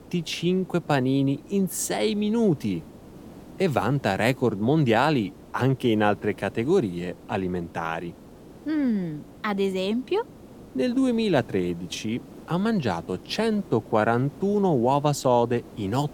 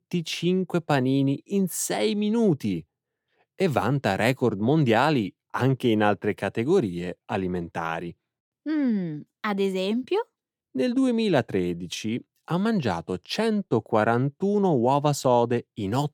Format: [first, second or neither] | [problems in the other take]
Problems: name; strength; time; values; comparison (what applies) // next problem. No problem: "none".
second | hiss; faint; throughout; 20 dB below the speech